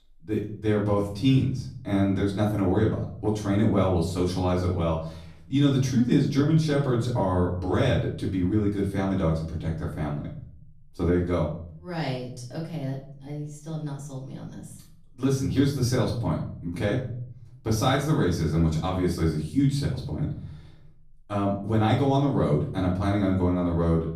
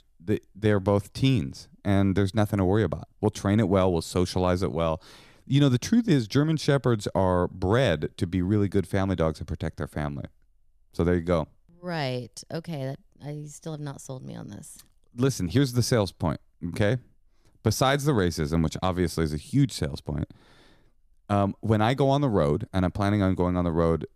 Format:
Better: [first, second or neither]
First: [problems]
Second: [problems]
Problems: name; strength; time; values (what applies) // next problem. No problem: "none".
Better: second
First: off-mic speech; far // room echo; noticeable; dies away in 0.6 s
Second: none